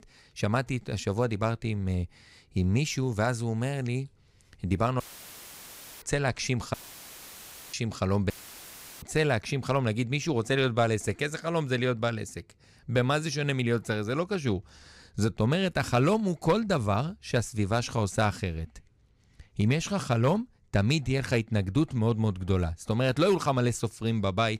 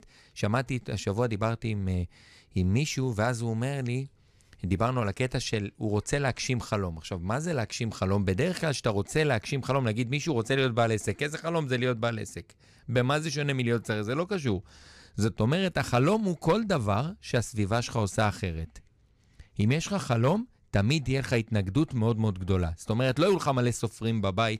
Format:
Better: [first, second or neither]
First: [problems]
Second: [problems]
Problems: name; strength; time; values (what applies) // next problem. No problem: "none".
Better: second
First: audio cutting out; filled with static; at 5 s for 1 s, at 6.5 s for 1 s and at 8.5 s for 0.5 s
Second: none